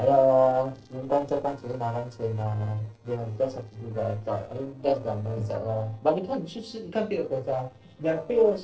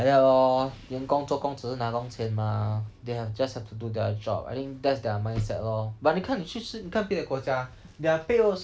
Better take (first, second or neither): second